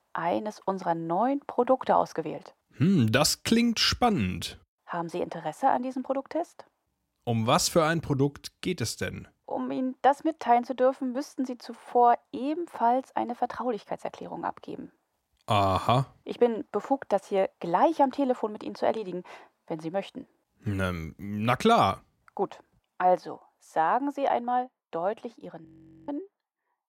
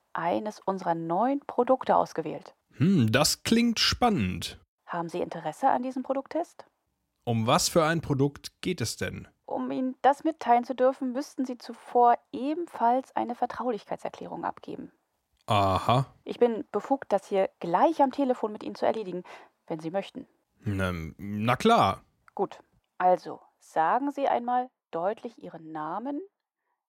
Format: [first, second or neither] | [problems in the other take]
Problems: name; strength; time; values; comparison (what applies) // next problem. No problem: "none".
second | audio freezing; at 26 s